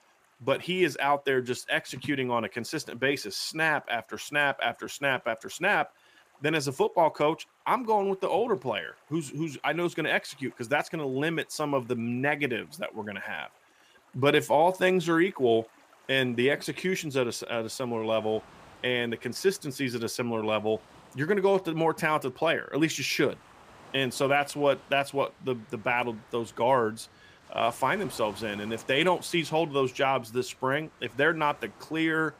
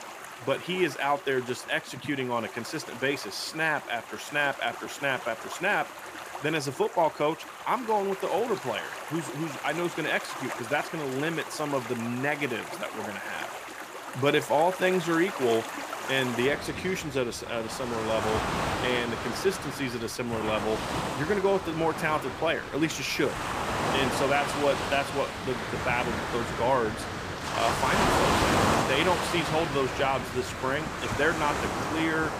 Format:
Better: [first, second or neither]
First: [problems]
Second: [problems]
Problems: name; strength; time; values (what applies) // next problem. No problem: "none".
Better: first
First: rain or running water; faint; throughout; 25 dB below the speech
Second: rain or running water; loud; throughout; 4 dB below the speech